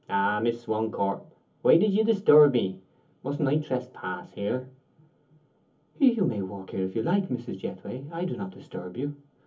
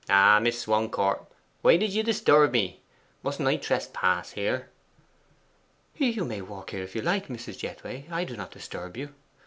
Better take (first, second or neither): second